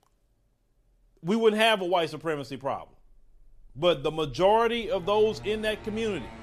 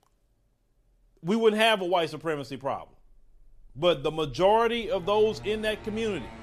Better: neither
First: traffic noise; faint; throughout; 20 dB below the speech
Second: traffic noise; faint; throughout; 20 dB below the speech

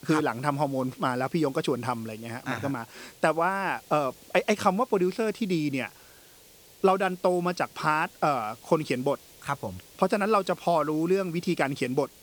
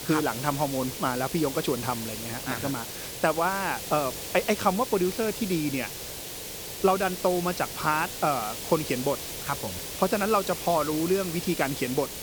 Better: first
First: hiss; faint; throughout; 25 dB below the speech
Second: hiss; loud; throughout; 6 dB below the speech

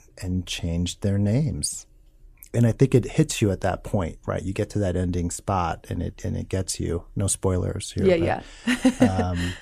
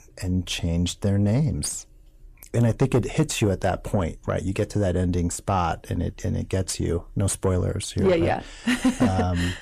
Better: first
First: none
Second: distortion; slight; 10 dB below the speech

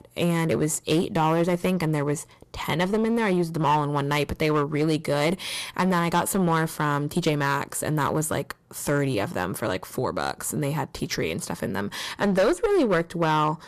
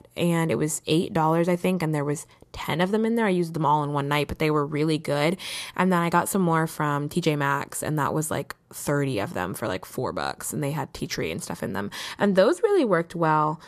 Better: second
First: distortion; slight; 9% of the sound clipped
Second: none

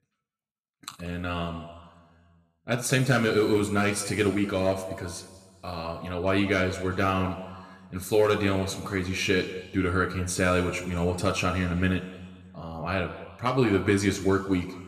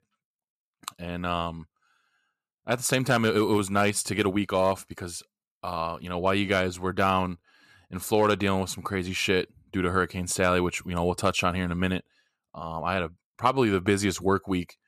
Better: second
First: room echo; slight; dies away in 1.5 s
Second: none

